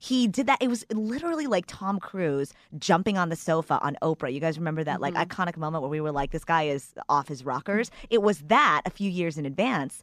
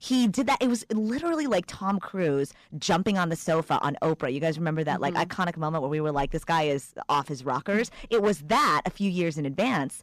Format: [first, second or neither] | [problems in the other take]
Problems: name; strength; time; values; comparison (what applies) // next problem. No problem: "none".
first | distortion; slight; 6% of the sound clipped